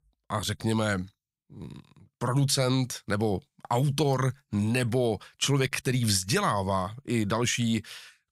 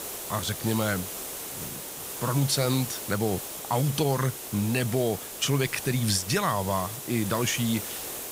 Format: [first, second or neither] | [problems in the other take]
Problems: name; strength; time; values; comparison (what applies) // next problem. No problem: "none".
first | hiss; loud; throughout; 7 dB below the speech